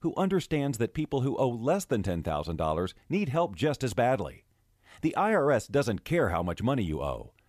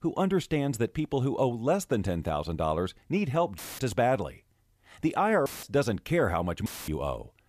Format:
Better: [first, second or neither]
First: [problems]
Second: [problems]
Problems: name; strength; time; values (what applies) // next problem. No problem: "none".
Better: first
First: none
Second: audio cutting out; filled with static; at 3.5 s, at 5.5 s and at 6.5 s